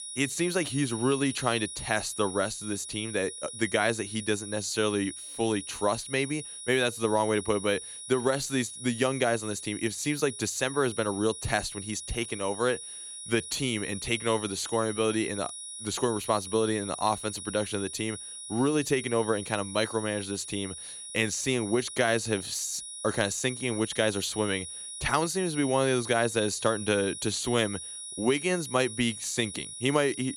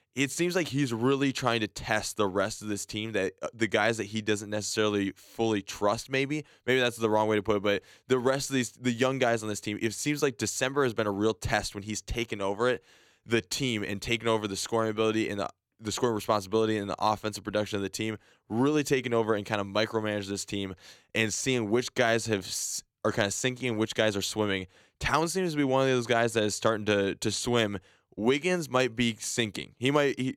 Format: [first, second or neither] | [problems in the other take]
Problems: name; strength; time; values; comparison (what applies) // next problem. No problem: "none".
second | high-pitched whine; loud; throughout; 10 kHz, 9 dB below the speech